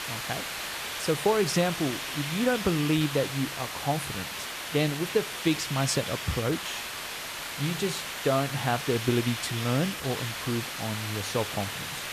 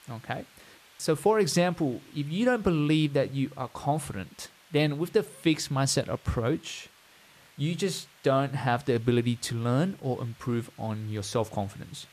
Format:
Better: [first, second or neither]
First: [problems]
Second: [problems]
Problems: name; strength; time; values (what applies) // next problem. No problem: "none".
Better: second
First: hiss; loud; throughout; 4 dB below the speech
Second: hiss; faint; throughout; 25 dB below the speech